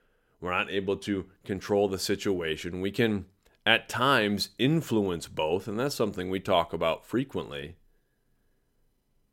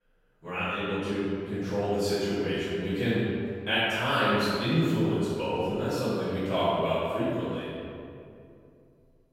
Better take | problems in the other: first | off-mic speech; far // room echo; strong; dies away in 2.1 s

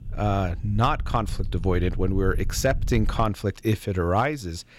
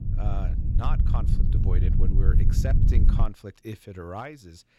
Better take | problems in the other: first | low rumble; loud; until 3 s; 2 dB below the speech; faint in the first

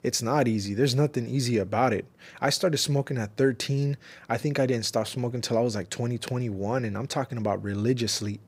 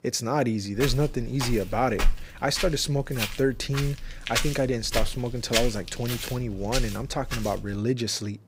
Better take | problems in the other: first | footsteps; loud; from 1 to 7.5 s; peak level with the speech

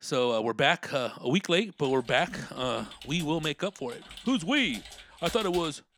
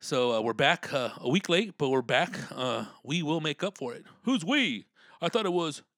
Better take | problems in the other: second | keyboard typing; faint; from 2 s on; peak 10 dB below the speech

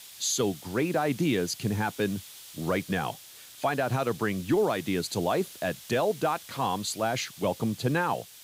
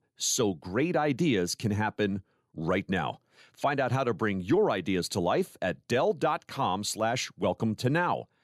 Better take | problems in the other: second | hiss; noticeable; throughout; 15 dB below the speech

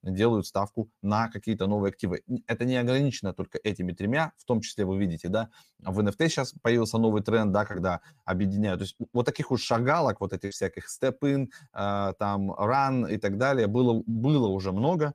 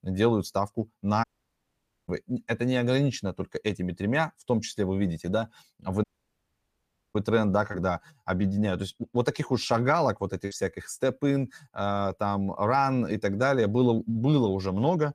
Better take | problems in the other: first | audio cutting out; at 1 s for 1 s and at 6 s for 1 s

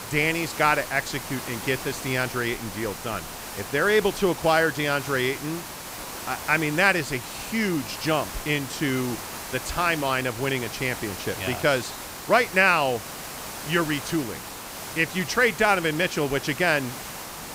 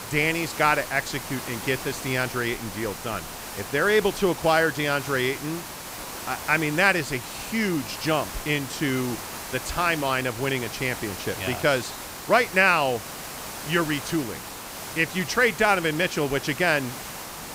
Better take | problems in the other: neither | hiss; noticeable; throughout; 10 dB below the speech; the same in both

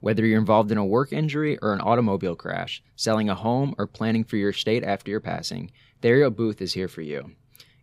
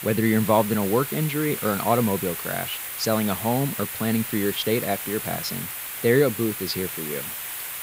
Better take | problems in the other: first | hiss; loud; throughout; 5 dB below the speech

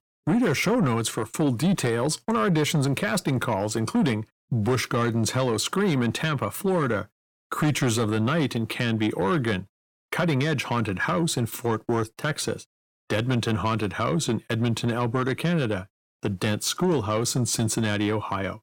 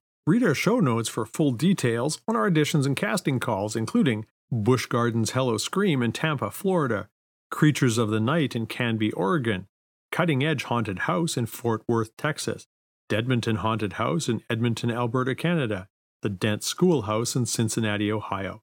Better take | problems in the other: second | distortion; slight; 10 dB below the speech

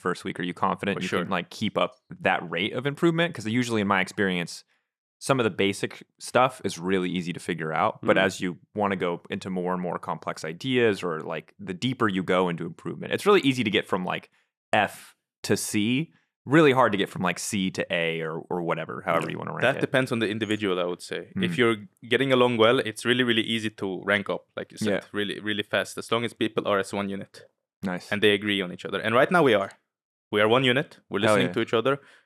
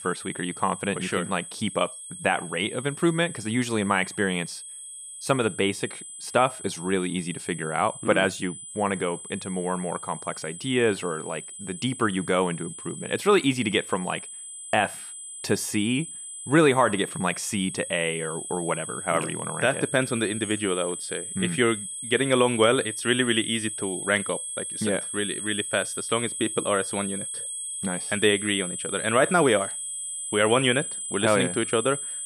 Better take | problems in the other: first | high-pitched whine; loud; throughout; 8 kHz, 7 dB below the speech

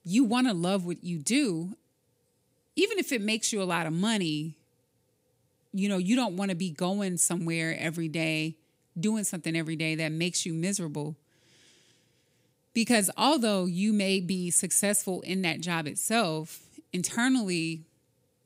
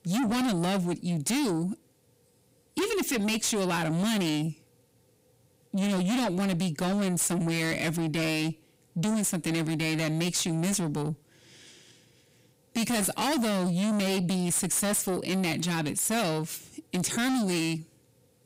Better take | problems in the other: first | distortion; heavy; 5 dB below the speech

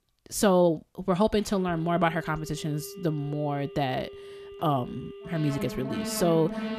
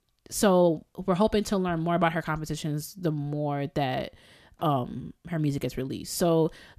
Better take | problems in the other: second | alarms or sirens; noticeable; throughout; 10 dB below the speech

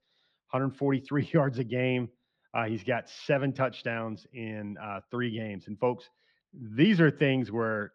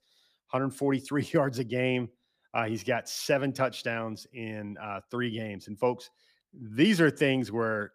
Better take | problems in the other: second | muffled; slightly; fading above 3.5 kHz

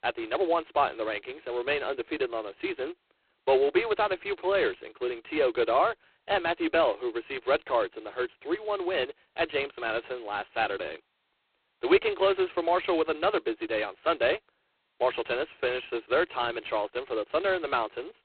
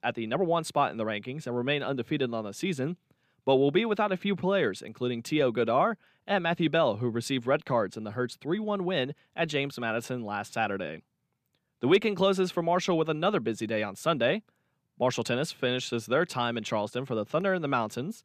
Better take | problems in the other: second | phone-call audio; poor line; nothing above 4 kHz

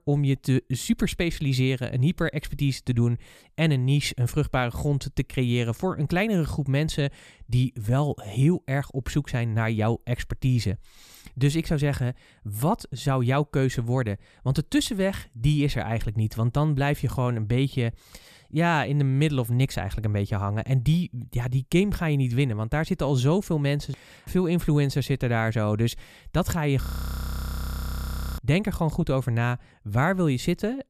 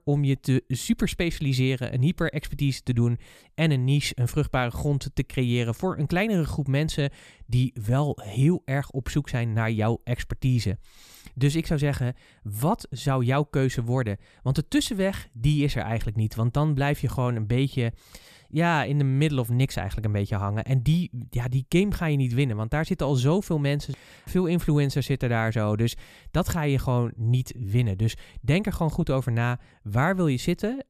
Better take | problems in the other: second | audio freezing; at 27 s for 1.5 s

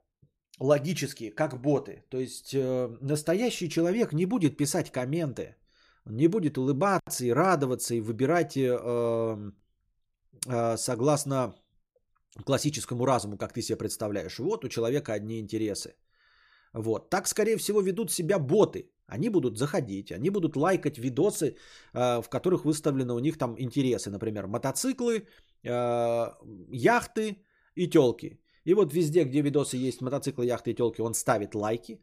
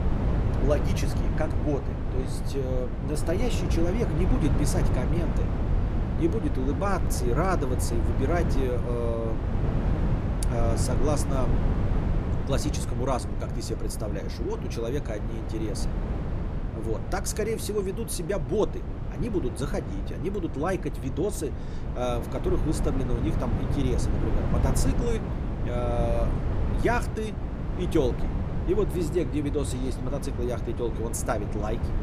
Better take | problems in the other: first | wind noise on the microphone; heavy; 6 dB below the speech

